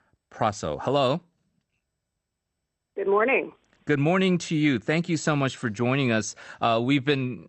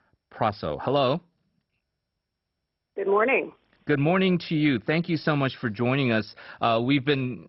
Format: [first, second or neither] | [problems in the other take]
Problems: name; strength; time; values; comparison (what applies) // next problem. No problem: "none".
first | garbled, watery; badly; nothing above 5.5 kHz; slightly in the first